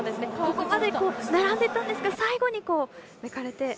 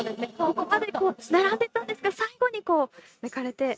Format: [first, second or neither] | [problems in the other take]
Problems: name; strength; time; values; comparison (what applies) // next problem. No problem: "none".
first | noise reduction (neural mask model RNNoise)